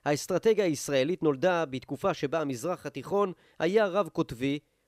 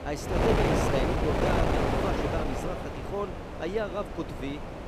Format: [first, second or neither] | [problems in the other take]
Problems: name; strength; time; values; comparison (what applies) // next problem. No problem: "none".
first | wind noise on the microphone; heavy; 4 dB above the speech